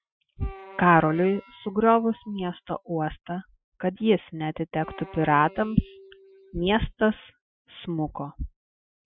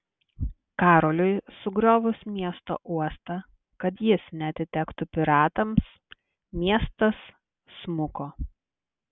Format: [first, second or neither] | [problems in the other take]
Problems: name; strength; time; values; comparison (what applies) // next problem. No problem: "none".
second | noise reduction (classical method Wiener filter)